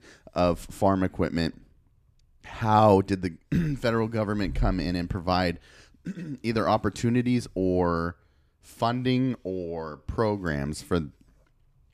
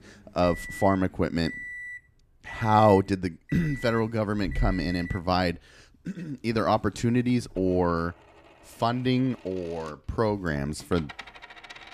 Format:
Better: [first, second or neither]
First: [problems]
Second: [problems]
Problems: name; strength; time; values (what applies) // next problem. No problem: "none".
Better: first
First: none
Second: household noises; noticeable; throughout; 15 dB below the speech